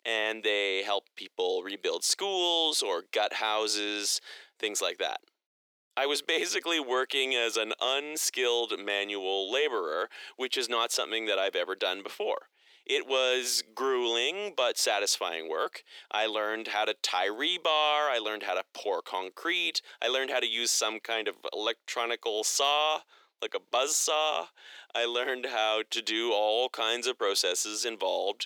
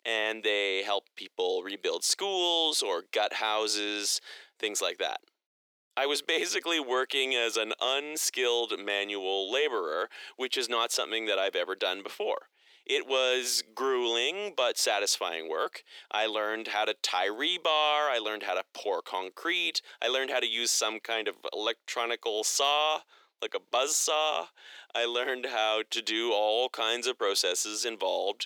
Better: neither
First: thin; very; fading below 300 Hz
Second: thin; very; fading below 300 Hz

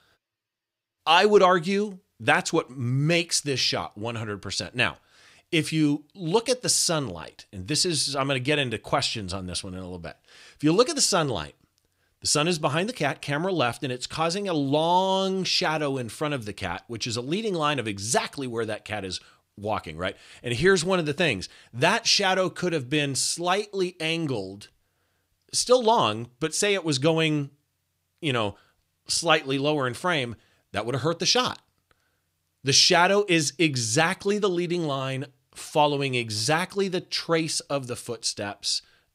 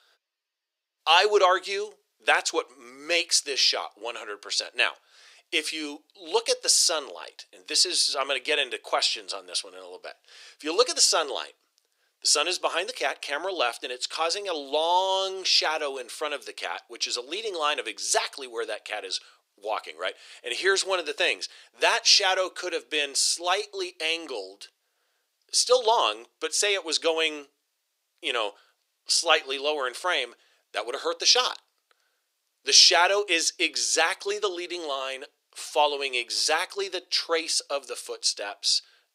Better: first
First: none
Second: thin; very; fading below 400 Hz

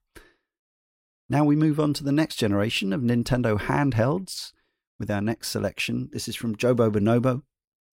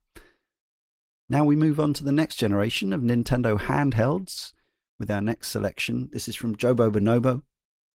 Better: first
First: none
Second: garbled, watery; slightly; nothing above 16 kHz

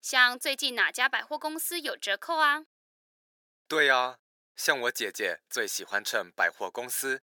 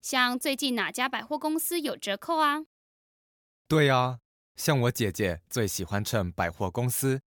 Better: second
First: thin; very; fading below 400 Hz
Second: none

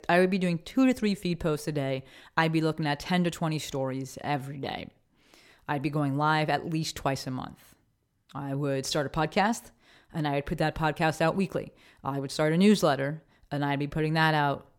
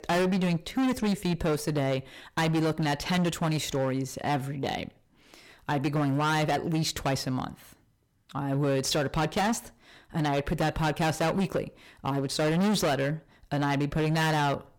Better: first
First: none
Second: distortion; heavy; 17% of the sound clipped

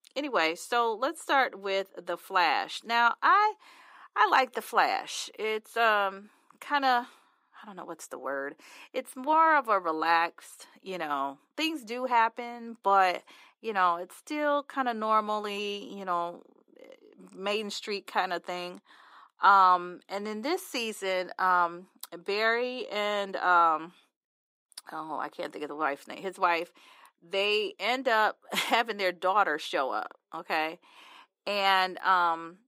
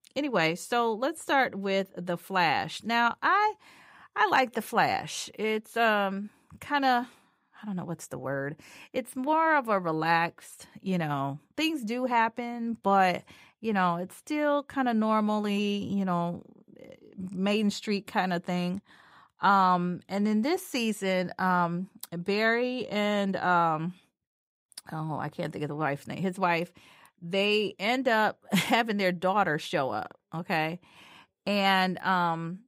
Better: second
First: thin; somewhat; fading below 300 Hz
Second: none

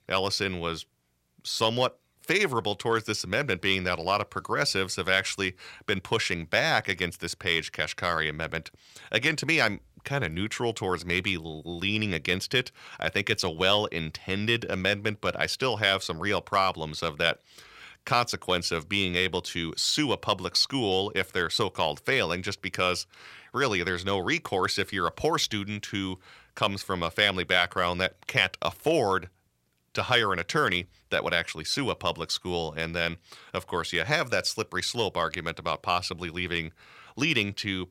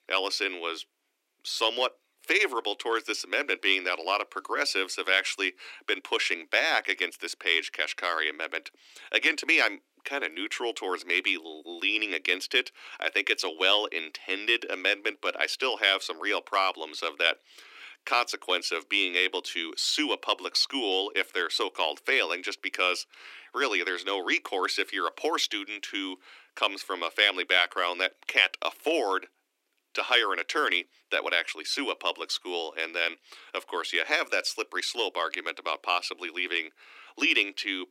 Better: first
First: none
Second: thin; somewhat; fading below 300 Hz

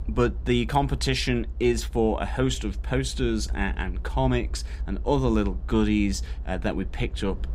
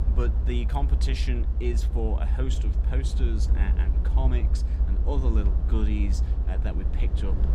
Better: first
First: low rumble; faint; throughout; 25 dB below the speech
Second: low rumble; loud; throughout; 6 dB below the speech

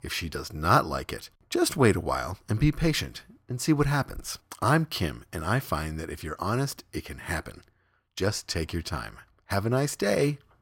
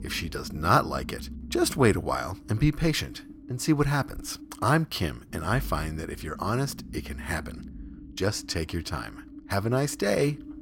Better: first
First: none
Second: low rumble; faint; throughout; 20 dB below the speech

